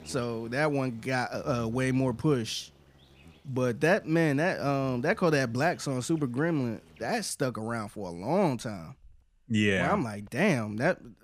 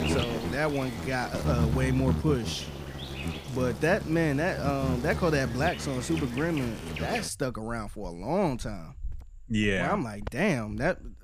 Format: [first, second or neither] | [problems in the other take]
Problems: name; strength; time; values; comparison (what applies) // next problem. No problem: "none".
first | animal sounds; loud; throughout; 5 dB below the speech; faint in the first